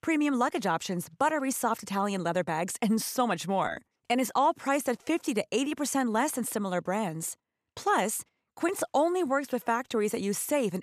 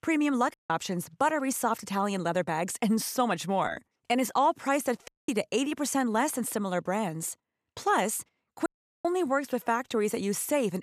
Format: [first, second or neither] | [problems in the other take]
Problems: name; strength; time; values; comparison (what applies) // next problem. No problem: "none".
first | audio cutting out; at 0.5 s, at 5 s and at 8.5 s